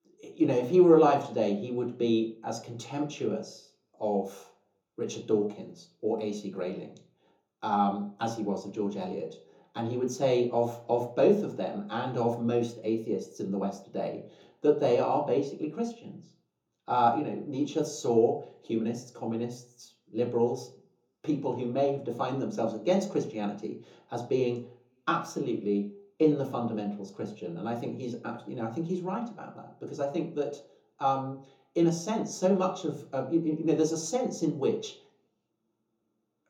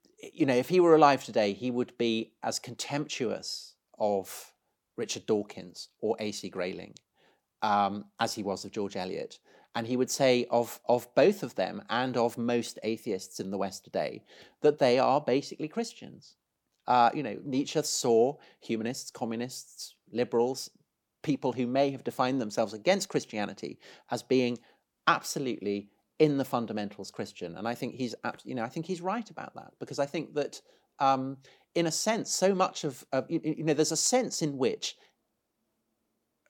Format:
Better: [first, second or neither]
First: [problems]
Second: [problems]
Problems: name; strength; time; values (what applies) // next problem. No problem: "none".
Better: second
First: room echo; slight; dies away in 0.6 s // off-mic speech; somewhat distant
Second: none